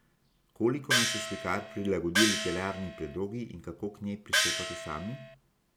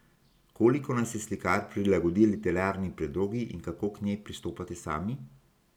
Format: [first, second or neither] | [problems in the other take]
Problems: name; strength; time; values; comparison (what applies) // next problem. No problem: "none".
second | background sound (Gong); 3 dB above the speech